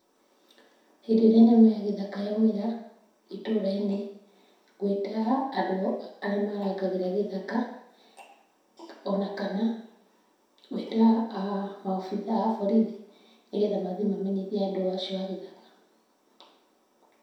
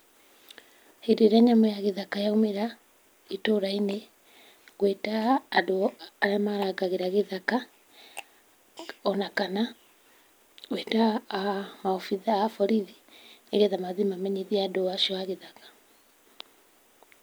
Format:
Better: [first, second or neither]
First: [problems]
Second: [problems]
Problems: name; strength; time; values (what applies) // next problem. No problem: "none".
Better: second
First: room echo; dies away in 0.7 s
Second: none